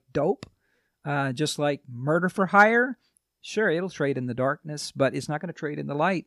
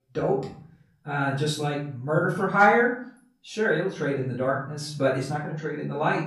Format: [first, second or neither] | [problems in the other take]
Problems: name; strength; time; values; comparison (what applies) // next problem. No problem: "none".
first | off-mic speech; far // room echo; noticeable; dies away in 0.5 s